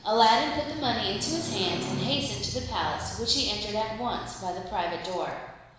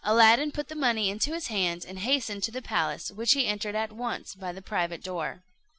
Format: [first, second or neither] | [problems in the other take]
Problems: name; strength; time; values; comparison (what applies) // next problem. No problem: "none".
second | background sound (Motorcycle); 10 dB below the speech // room echo; dies away in 1 s